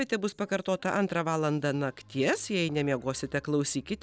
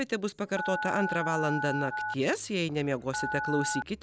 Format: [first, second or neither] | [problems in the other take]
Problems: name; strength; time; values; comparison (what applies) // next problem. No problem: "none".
first | background sound (Telephone); 4 dB below the speech